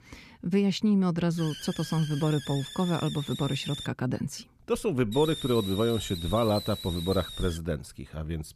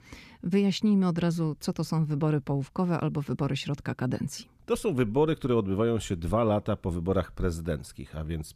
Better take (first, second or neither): second